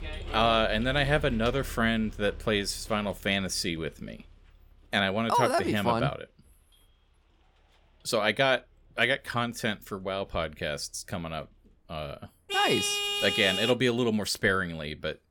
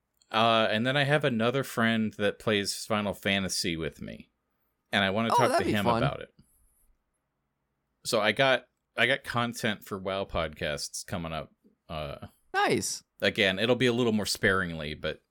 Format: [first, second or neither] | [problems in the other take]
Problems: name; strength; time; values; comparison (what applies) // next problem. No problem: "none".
second | traffic noise; loud; throughout; 5 dB below the speech